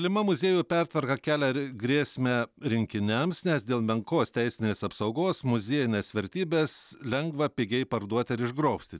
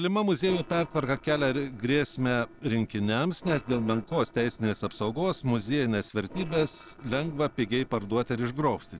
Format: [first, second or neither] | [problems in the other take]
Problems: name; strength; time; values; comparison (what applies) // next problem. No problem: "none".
first | noise reduction (neural separator model SepFormer DNS4)